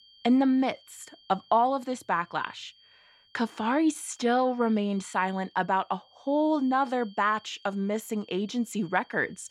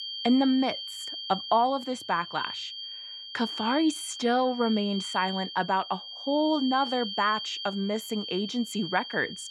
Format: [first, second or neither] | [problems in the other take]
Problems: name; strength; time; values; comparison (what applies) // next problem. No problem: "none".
first | high-pitched whine; loud; throughout; 3 kHz, 8 dB below the speech; faint in the first